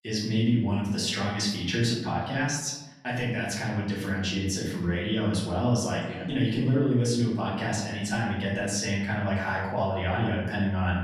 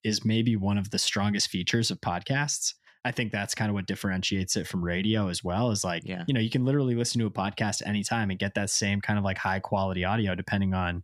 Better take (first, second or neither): second